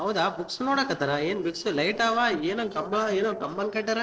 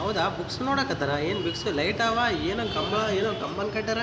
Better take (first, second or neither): second